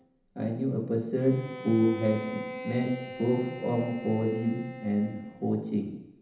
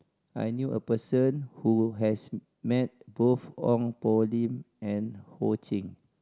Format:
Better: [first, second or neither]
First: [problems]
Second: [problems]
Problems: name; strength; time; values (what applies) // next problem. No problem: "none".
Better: second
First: background sound (Bowed string instrument); 13 dB below the speech // room echo; dies away in 0.8 s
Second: none